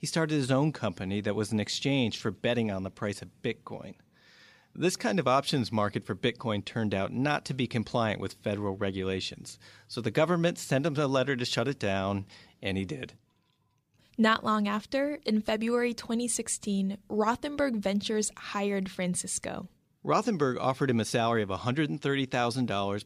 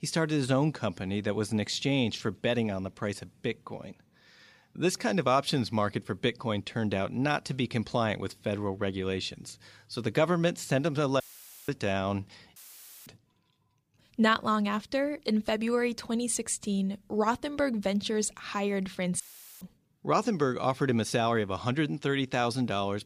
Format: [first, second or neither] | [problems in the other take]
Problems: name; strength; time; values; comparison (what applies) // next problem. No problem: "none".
first | audio cutting out; filled with static; at 11 s, at 13 s for 0.5 s and at 19 s